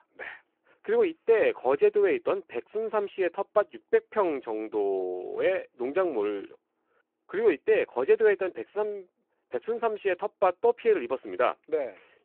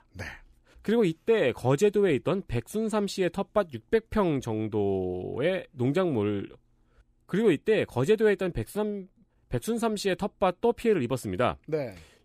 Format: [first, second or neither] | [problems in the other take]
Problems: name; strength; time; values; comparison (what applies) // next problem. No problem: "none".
second | phone-call audio